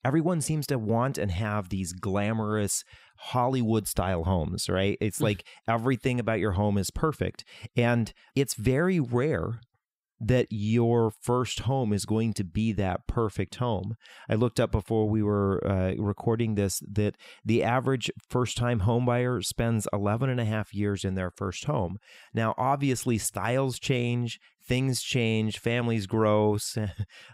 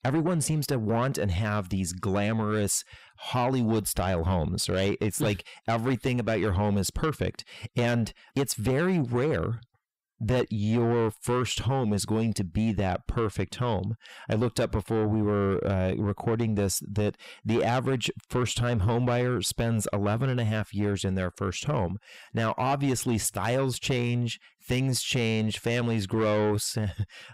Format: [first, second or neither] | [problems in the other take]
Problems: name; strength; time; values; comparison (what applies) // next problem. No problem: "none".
first | distortion; slight; 10 dB below the speech